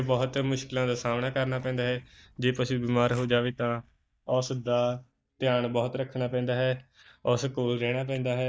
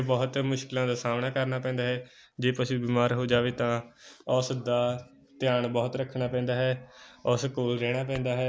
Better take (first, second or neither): second